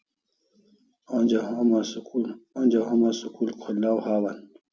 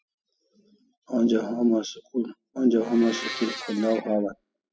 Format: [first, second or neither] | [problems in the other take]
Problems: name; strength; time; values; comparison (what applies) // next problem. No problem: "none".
first | noise reduction (classical method spectral subtraction)